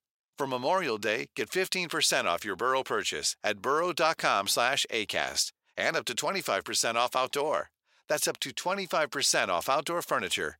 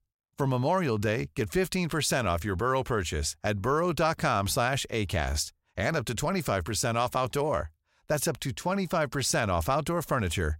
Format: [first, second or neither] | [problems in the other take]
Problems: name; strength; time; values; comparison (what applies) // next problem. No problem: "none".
second | thin; somewhat; fading below 350 Hz